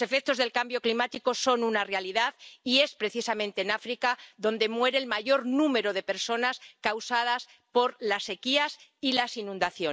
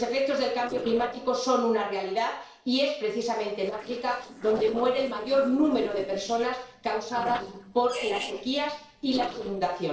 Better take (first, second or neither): first